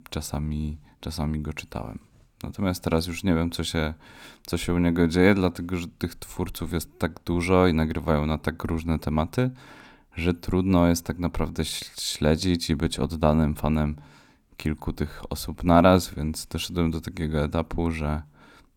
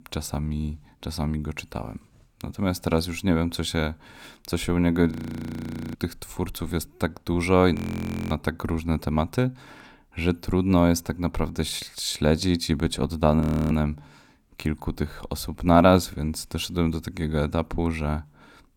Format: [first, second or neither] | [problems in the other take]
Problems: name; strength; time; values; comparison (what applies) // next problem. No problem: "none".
first | audio freezing; at 5 s for 1 s, at 8 s for 0.5 s and at 13 s